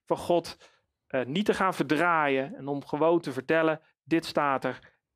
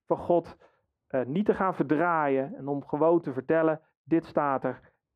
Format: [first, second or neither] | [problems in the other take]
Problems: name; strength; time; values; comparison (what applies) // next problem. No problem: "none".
first | muffled; very; fading above 2.5 kHz